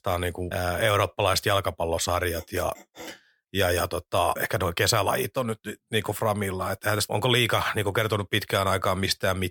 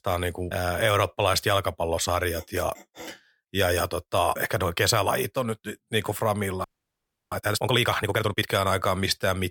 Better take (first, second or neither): first